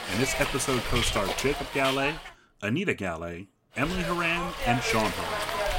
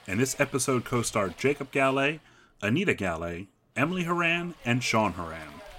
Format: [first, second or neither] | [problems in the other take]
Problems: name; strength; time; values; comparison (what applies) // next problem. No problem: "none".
second | hiss; loud; until 2.5 s and from 4 s on; 2 dB below the speech; faint in the second